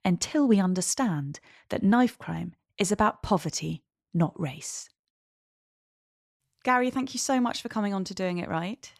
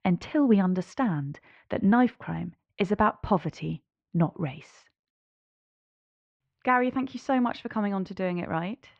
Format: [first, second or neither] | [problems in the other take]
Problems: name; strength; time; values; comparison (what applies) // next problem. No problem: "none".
first | muffled; very; fading above 3 kHz